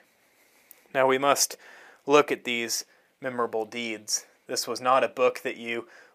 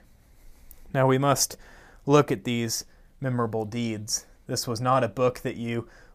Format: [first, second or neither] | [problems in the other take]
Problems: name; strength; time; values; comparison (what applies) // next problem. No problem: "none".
second | thin; somewhat; fading below 400 Hz